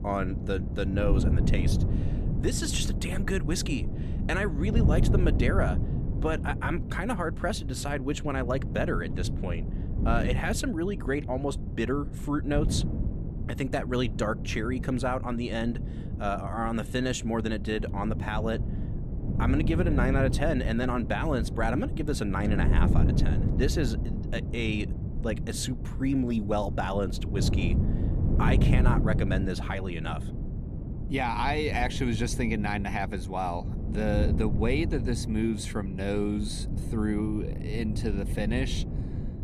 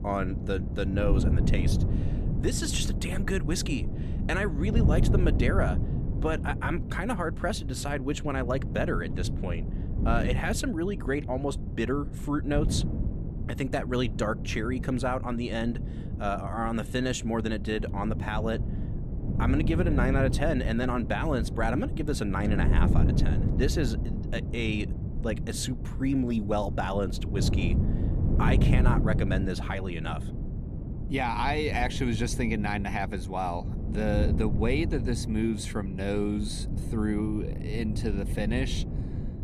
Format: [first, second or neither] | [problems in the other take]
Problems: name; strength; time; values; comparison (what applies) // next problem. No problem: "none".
neither | wind noise on the microphone; heavy; 9 dB below the speech; the same in both